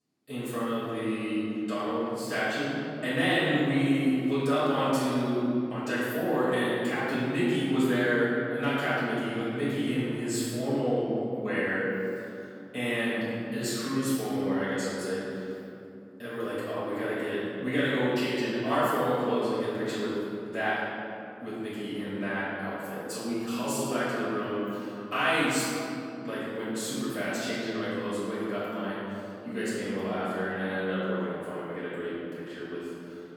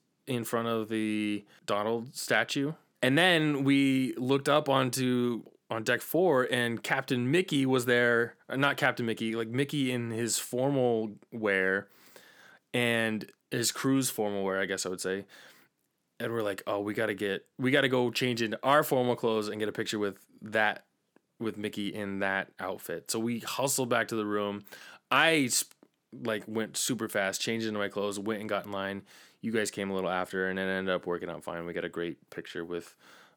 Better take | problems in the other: second | off-mic speech; far // room echo; strong; dies away in 2.8 s

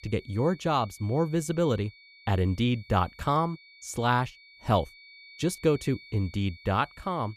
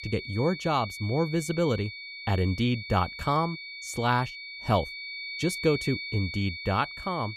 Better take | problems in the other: first | high-pitched whine; loud; throughout; 2.5 kHz, 8 dB below the speech; faint in the first

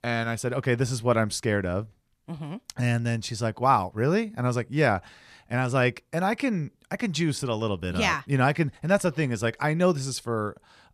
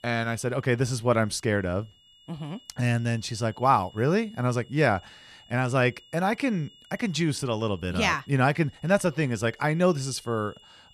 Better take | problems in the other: first | high-pitched whine; faint; throughout; 3 kHz, 25 dB below the speech

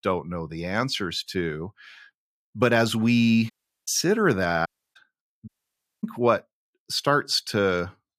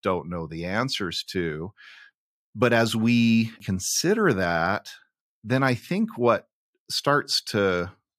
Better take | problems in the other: second | audio cutting out; at 3.5 s, at 4.5 s and at 5.5 s for 0.5 s

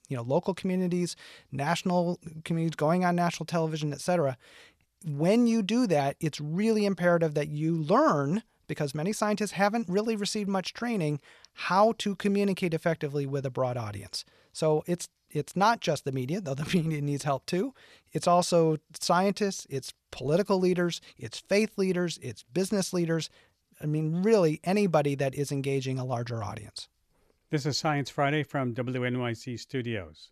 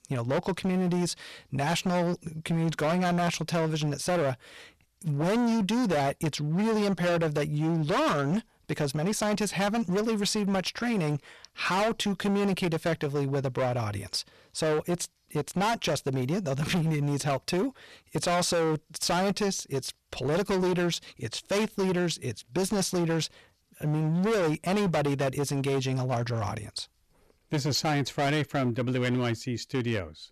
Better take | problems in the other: first | distortion; heavy; 20% of the sound clipped

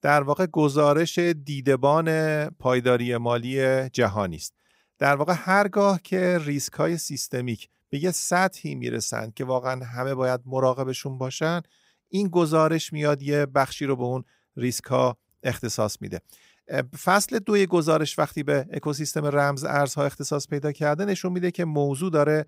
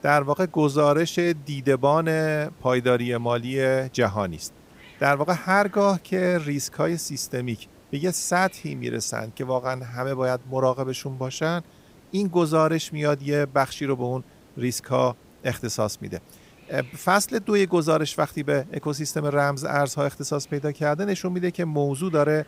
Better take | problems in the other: first | hiss; faint; throughout; 25 dB below the speech

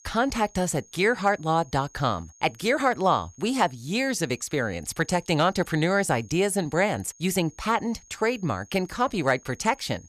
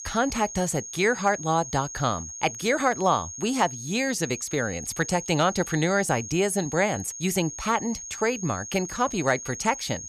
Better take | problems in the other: first | high-pitched whine; loud; throughout; 6.5 kHz, 10 dB below the speech; faint in the first

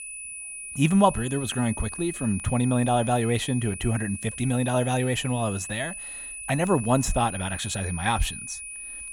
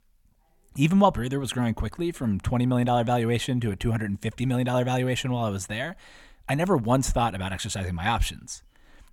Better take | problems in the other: second | high-pitched whine; loud; throughout; 9.5 kHz, 9 dB below the speech

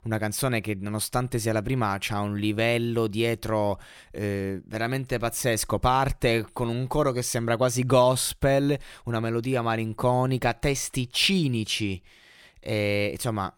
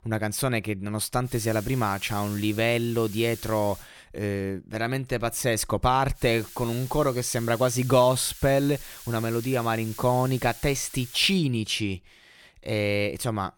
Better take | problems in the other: first | hiss; noticeable; from 1.5 to 4 s and from 6 to 11 s; 15 dB below the speech

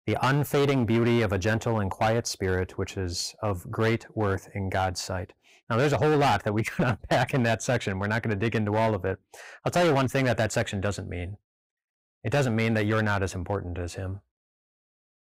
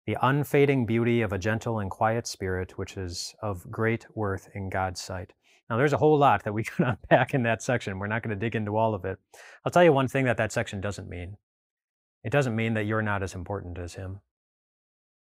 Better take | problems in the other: second | distortion; heavy; 12% of the sound clipped

